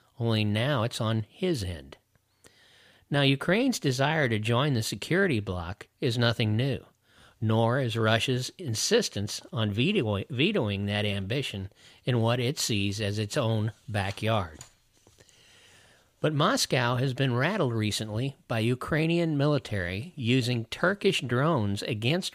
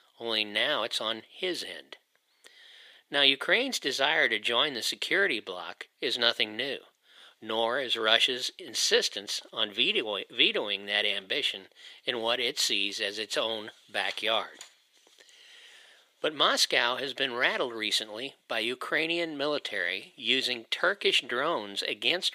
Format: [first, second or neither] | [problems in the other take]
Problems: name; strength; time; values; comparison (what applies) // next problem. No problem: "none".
first | thin; very; fading below 350 Hz